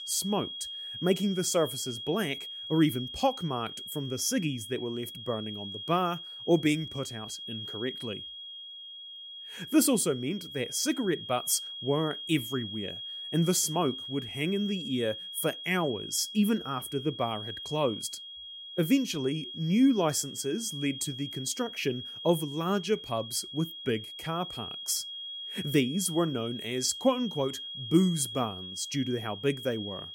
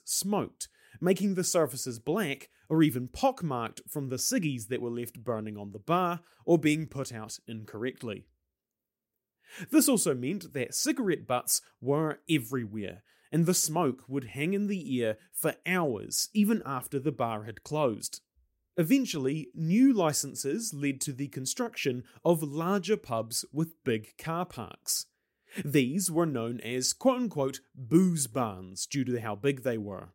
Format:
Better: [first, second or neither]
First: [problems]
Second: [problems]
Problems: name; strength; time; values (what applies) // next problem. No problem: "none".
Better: second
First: high-pitched whine; loud; throughout; 3.5 kHz, 9 dB below the speech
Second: none